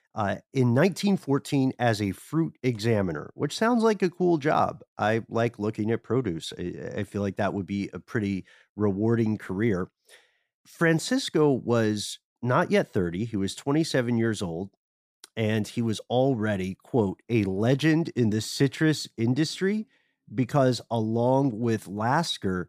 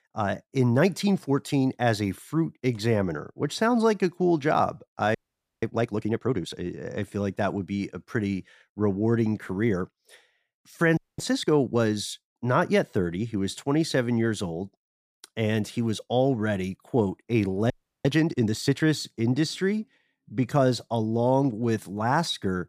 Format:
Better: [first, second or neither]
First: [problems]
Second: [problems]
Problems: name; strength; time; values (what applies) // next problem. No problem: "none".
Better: first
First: none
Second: audio freezing; at 5 s, at 11 s and at 18 s